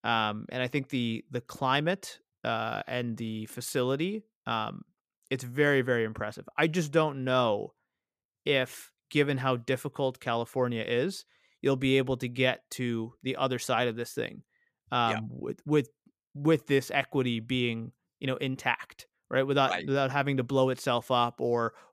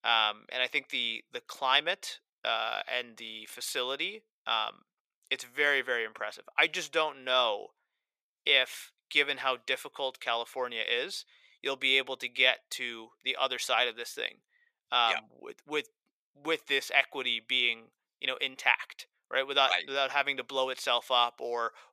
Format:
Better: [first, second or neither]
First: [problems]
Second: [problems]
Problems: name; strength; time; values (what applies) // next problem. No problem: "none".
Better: first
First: none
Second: thin; very; fading below 700 Hz